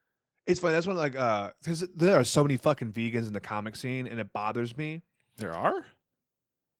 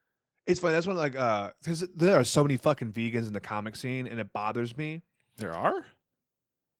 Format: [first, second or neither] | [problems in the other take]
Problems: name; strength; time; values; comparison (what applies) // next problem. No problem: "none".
neither | garbled, watery; slightly; the same in both